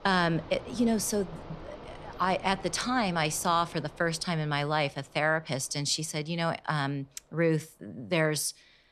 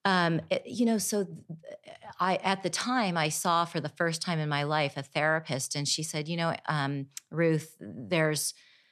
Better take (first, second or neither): second